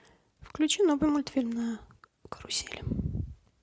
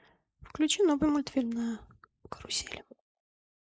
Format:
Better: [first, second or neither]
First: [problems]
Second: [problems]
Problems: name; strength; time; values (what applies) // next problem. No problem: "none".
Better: first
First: none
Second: noise reduction (neural mask model Resemble Enhance denoiser)